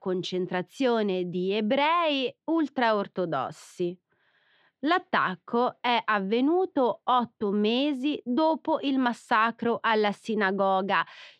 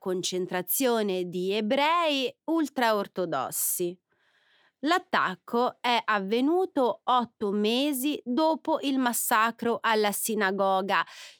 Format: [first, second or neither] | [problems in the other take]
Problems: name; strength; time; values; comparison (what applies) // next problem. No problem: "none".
second | muffled; slightly; fading above 3.5 kHz